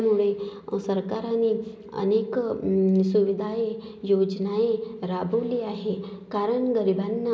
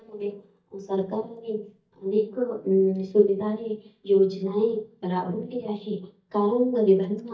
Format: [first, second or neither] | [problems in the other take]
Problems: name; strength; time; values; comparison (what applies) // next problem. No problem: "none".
first | noise reduction (neural mask model DeepFilterNet 3)